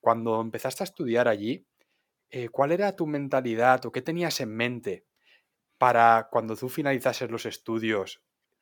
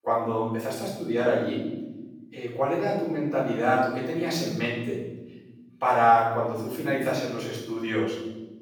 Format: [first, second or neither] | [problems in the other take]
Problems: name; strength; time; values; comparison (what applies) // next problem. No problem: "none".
first | room echo; noticeable; dies away in 1.2 s // off-mic speech; far